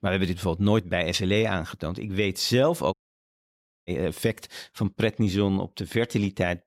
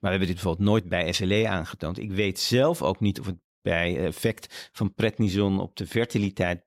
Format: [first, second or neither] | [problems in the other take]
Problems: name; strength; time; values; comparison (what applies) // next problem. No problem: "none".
second | audio cutting out; at 3 s for 1 s